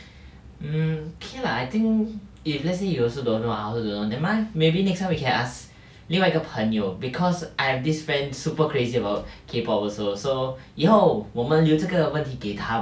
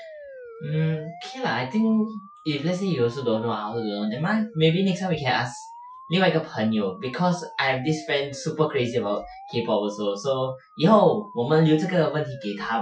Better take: first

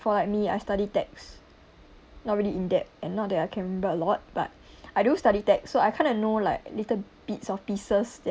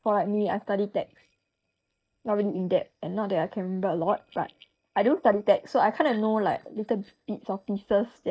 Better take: first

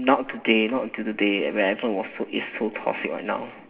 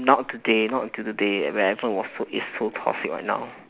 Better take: second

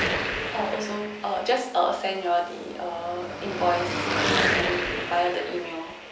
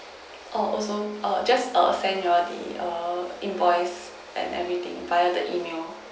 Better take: second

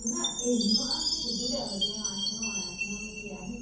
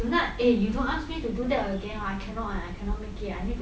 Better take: second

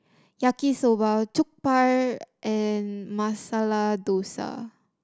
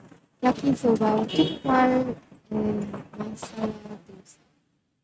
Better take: first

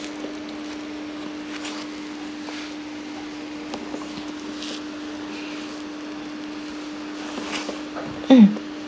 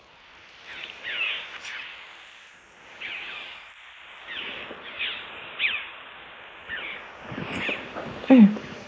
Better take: first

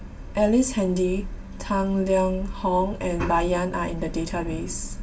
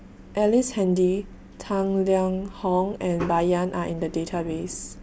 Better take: second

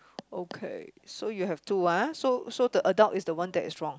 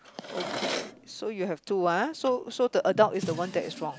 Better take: first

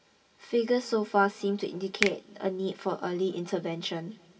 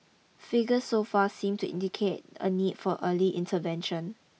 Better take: second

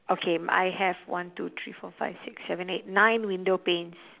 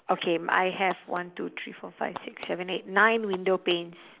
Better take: first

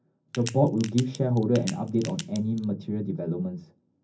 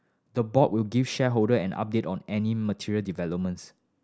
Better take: second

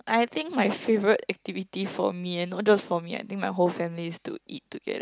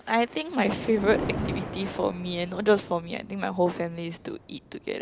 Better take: first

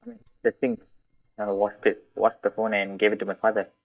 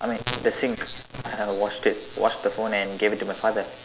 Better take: second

